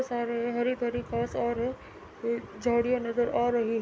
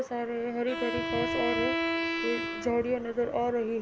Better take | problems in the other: first | background sound (Bowed string instrument); 2 dB below the speech

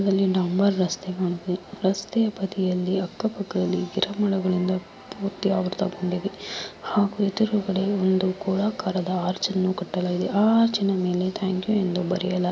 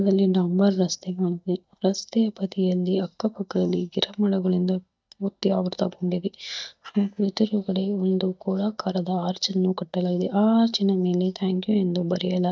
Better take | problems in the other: first | noise reduction (neural mask model DeepFilterNet 3)

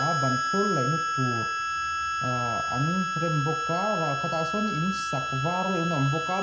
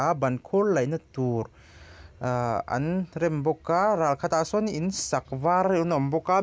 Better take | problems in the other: second | background sound (Harmonica); as loud as the speech // room echo; dies away in 0.5 s

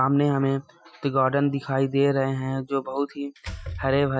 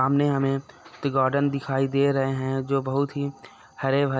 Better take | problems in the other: second | noise reduction (classical method Wiener filter)

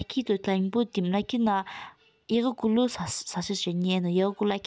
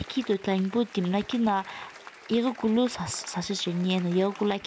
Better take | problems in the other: first | background sound (Applause / Crowd); 19 dB below the speech

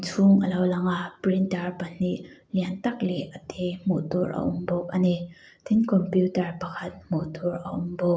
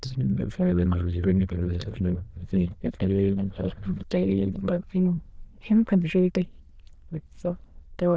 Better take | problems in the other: first | noise reduction (neural diffusion model UNIVERSE++)

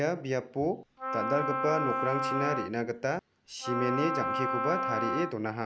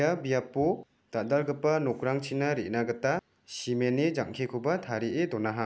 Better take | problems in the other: second | background sound (Wind instrument, woodwind instrument); as loud as the speech

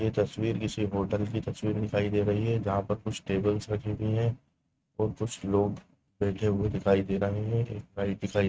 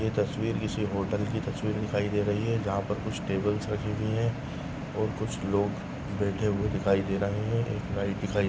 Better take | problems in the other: second | noise reduction (neural mask model RNNoise)

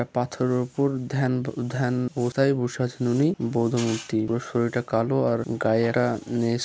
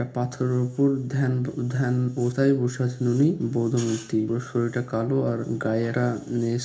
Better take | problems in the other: first | room echo; dies away in 0.4 s

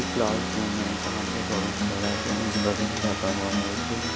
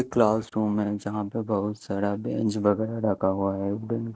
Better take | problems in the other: second | background sound (Car + Acoustic guitar); 2 dB above the speech

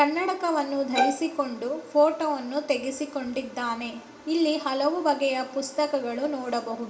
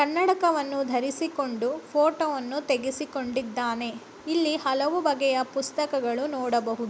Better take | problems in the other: second | background sound (Bowed string instrument); 1 dB above the speech // room echo; dies away in 0.6 s

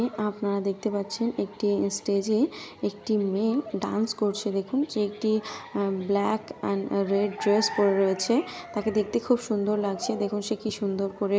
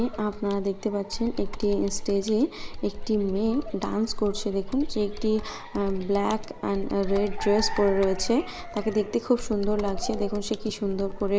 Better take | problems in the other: first | background sound (Computer keyboard); 6 dB below the speech

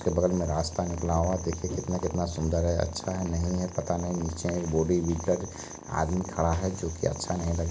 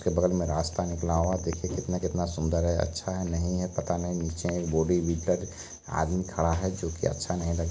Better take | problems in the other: second | background sound (Purr); 16 dB below the speech

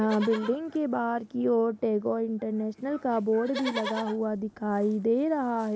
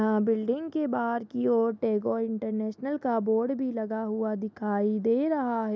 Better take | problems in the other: second | background sound (Livestock, farm animals, working animals); 15 dB below the speech

